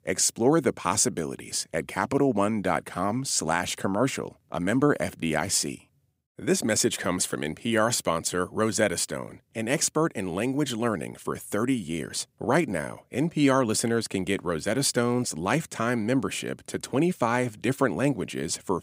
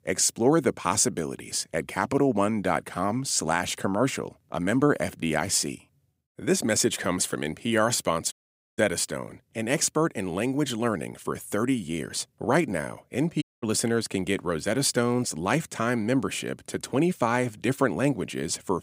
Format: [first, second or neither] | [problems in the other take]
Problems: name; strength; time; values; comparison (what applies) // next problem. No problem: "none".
first | audio cutting out; at 8.5 s and at 13 s